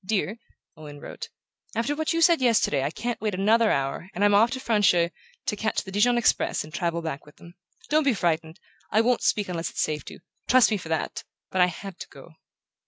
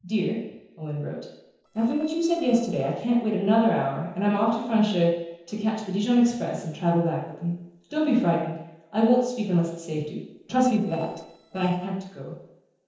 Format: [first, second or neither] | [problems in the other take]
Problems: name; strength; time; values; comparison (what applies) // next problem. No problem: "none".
first | noise reduction (neural separator model SepFormer DNS4)